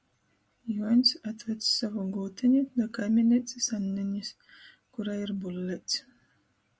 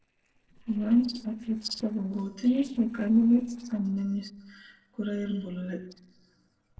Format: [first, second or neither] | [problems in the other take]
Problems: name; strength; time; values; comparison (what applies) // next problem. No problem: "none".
first | noise reduction (neural separator model SepFormer DNS4)